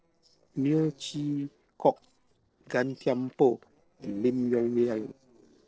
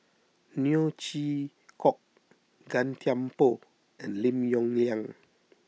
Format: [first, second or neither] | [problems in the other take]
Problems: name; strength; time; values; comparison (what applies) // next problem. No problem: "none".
second | noise reduction (neural separator model SepFormer DNS4)